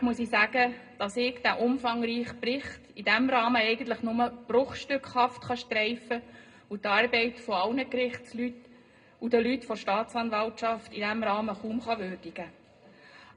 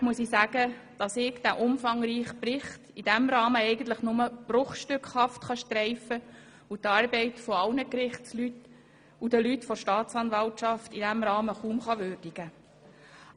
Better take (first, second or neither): second